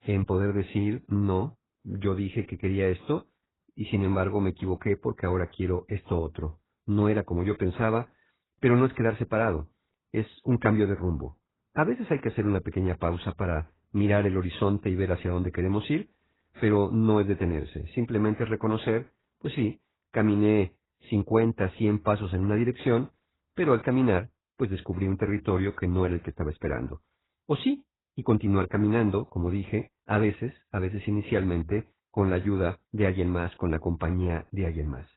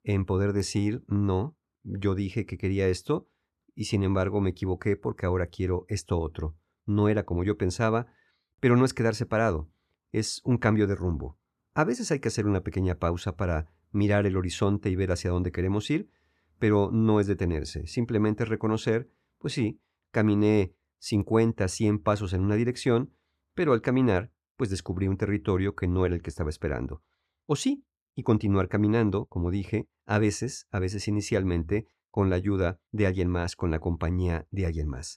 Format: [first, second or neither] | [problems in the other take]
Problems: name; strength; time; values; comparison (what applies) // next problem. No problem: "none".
second | garbled, watery; badly; nothing above 4 kHz